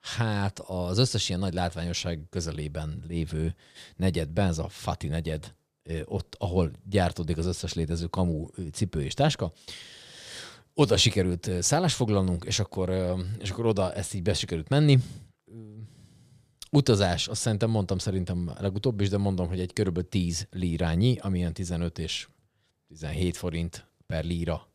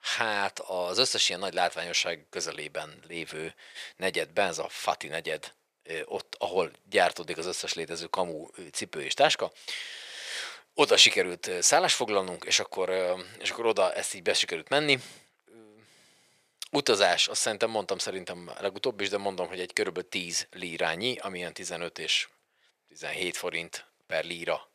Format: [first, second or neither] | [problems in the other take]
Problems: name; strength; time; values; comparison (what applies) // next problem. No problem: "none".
first | thin; very; fading below 600 Hz